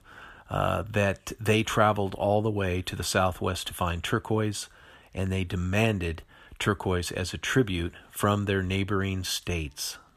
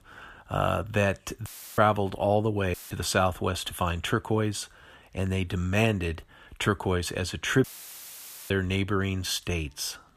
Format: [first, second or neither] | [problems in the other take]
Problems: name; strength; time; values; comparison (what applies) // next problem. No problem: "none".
first | audio cutting out; filled with static; at 1.5 s, at 2.5 s and at 7.5 s for 1 s